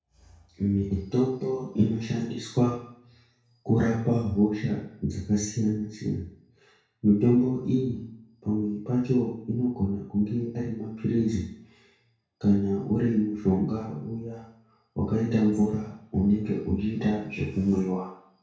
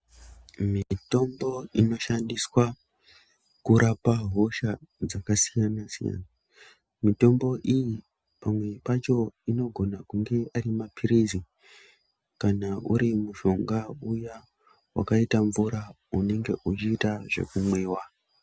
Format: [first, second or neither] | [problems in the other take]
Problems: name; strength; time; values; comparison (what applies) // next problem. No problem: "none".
second | room echo; dies away in 0.6 s